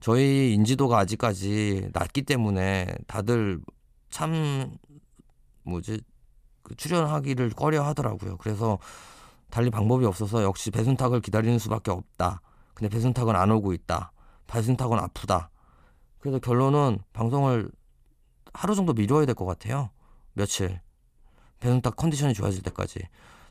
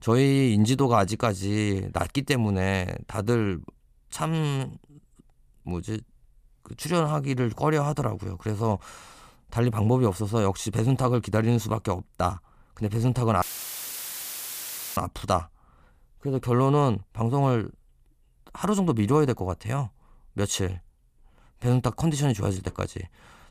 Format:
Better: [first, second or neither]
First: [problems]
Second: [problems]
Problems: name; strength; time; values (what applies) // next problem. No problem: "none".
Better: first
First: none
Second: audio cutting out; filled with static; at 13 s for 1.5 s